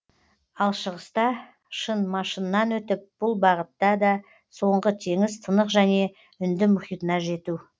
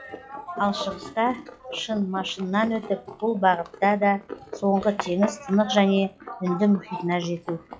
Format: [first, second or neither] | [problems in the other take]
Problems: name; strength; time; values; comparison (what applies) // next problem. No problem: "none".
first | noise reduction (classical method log-MMSE)